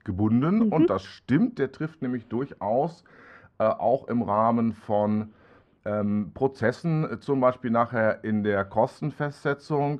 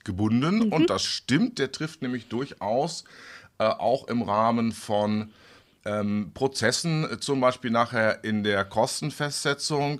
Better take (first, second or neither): second